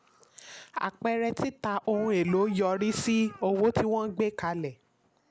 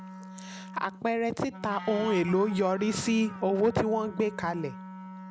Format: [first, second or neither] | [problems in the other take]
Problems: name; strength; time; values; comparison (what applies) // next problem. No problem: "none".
first | background sound (Wind instrument, woodwind instrument); 13 dB below the speech